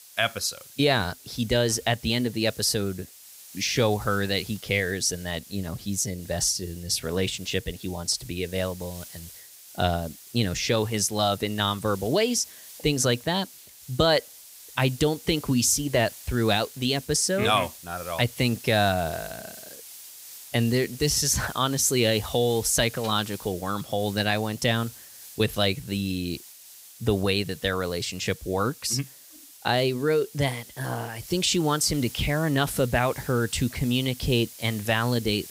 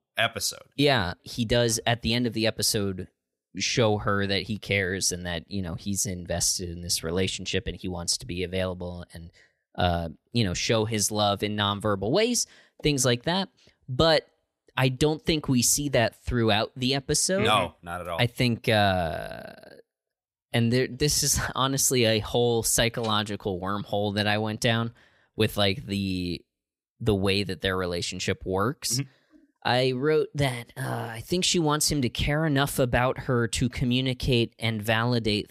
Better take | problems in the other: second | hiss; noticeable; throughout; 15 dB below the speech

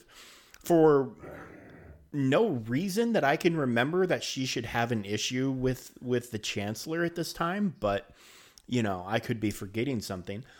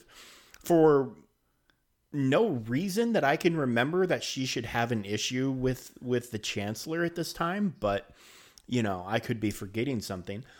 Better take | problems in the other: second | dog barking; faint; at 1 s; peak 15 dB below the speech

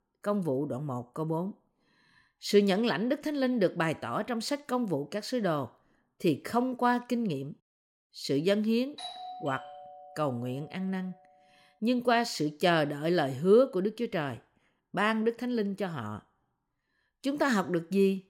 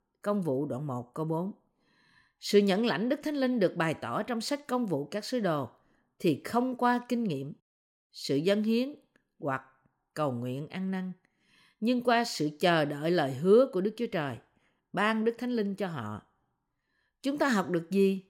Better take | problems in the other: second | doorbell; faint; from 9 to 11 s; peak 10 dB below the speech

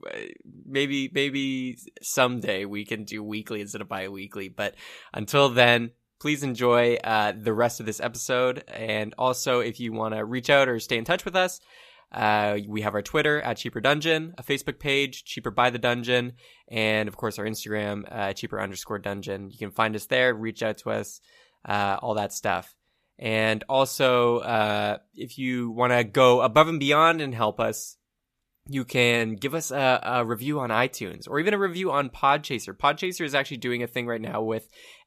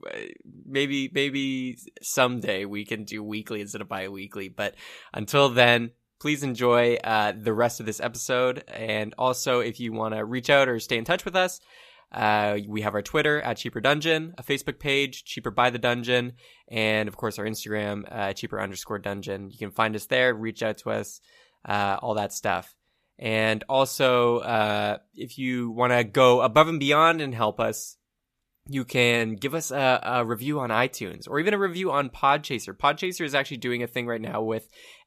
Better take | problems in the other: neither | none

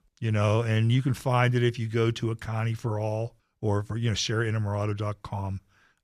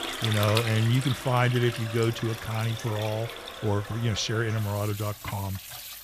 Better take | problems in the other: first | household noises; loud; throughout; 8 dB below the speech

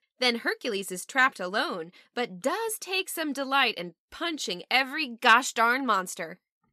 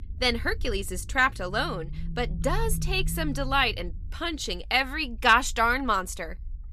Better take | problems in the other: first | low rumble; faint; throughout; 25 dB below the speech

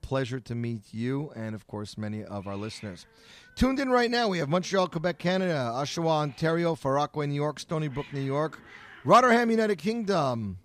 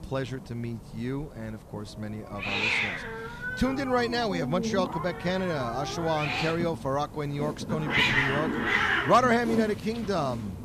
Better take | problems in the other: first | hiss; loud; throughout; as loud as the speech; faint in the first

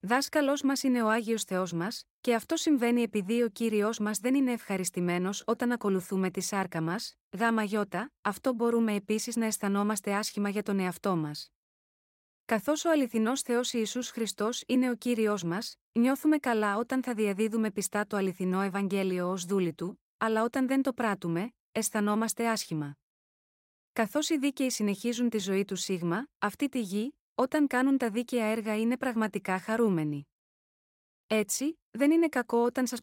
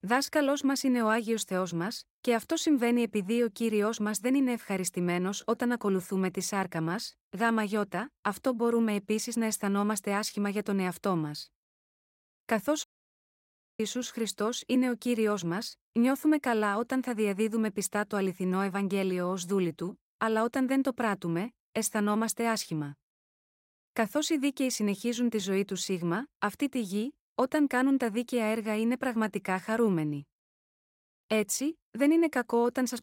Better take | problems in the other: first | audio cutting out; at 13 s for 1 s

